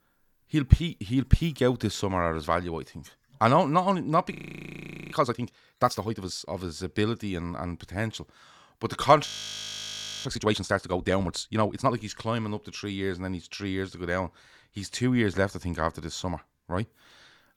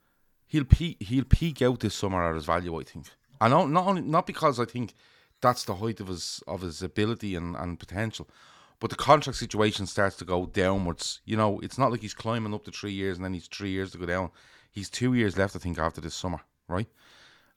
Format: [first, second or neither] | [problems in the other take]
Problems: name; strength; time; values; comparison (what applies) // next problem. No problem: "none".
second | audio freezing; at 4.5 s for 1 s and at 9.5 s for 1 s